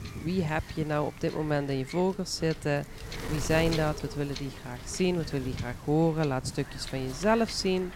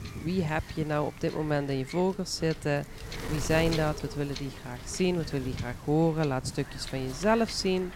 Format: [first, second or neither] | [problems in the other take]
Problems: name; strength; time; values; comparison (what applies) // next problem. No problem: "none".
neither | wind noise on the microphone; occasional gusts; 10 dB below the speech; the same in both